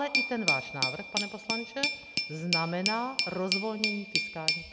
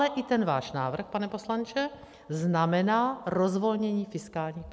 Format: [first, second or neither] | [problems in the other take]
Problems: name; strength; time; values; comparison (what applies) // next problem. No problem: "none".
second | background sound (Glass); 2 dB above the speech